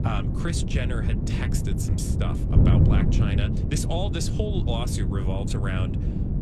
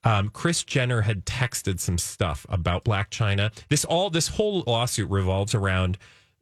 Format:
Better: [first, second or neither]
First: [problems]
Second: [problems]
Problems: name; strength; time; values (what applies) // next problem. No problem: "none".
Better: second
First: wind noise on the microphone; heavy; 2 dB below the speech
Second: none